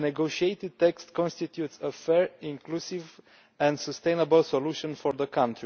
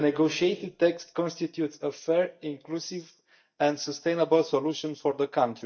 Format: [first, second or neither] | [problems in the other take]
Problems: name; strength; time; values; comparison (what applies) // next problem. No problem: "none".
first | noise reduction (neural mask model DeepFilterNet 3)